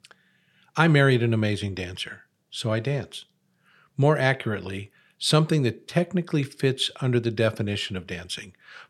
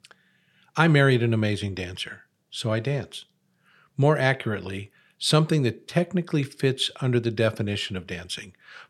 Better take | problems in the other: neither | none

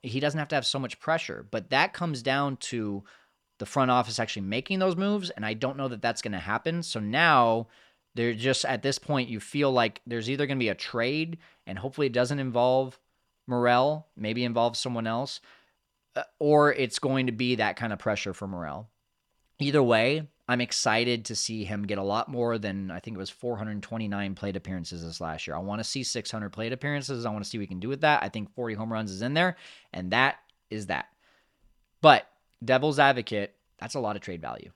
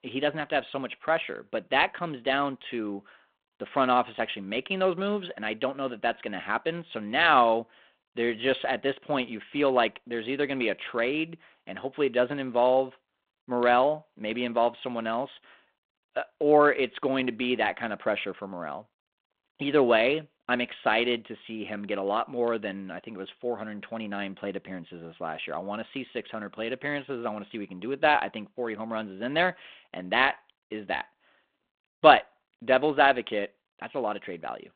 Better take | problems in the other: first | phone-call audio

